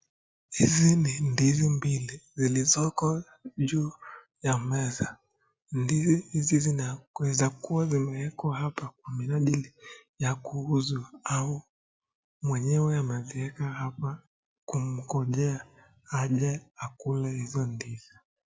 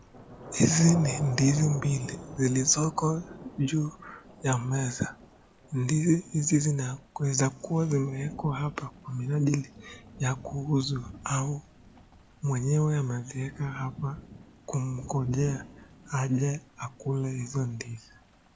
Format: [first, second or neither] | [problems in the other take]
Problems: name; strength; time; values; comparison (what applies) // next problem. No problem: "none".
first | background sound (Thunder / Rain); 16 dB below the speech